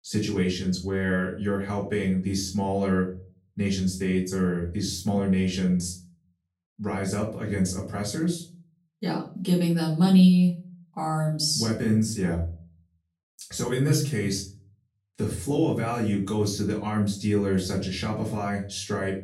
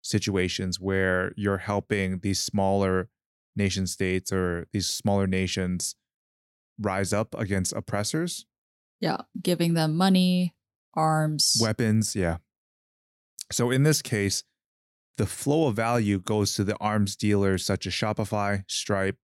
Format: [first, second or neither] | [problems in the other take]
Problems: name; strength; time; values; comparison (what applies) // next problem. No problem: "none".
second | off-mic speech; far // room echo; slight; dies away in 0.4 s